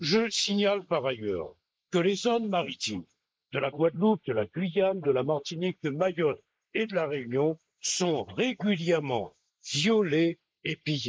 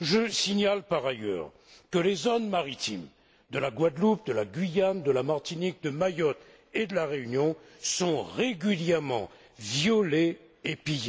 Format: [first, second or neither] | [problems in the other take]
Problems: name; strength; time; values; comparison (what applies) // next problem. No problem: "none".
second | noise reduction (neural mask model Resemble Enhance denoiser)